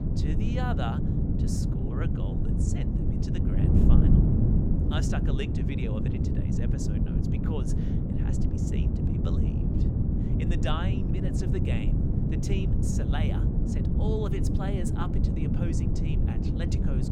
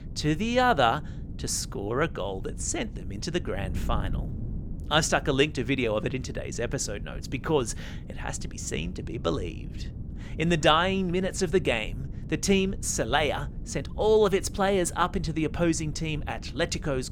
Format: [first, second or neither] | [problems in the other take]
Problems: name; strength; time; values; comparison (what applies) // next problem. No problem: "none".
second | wind noise on the microphone; heavy; 2 dB above the speech; occasional gusts in the second